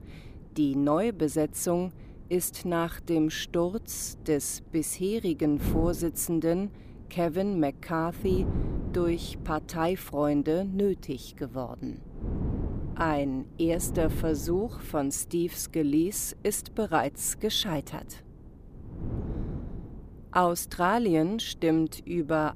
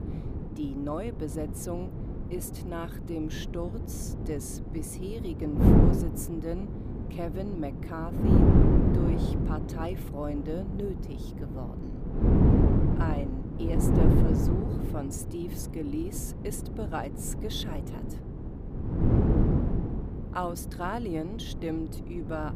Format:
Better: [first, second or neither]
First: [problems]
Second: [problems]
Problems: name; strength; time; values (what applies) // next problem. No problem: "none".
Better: first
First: wind noise on the microphone; occasional gusts; 20 dB below the speech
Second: wind noise on the microphone; heavy; 2 dB above the speech